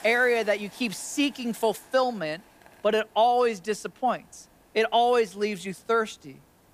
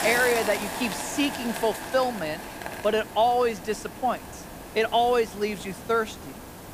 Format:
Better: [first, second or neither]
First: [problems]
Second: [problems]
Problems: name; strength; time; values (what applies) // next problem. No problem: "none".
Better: first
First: hiss; faint; throughout; 25 dB below the speech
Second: hiss; loud; throughout; 9 dB below the speech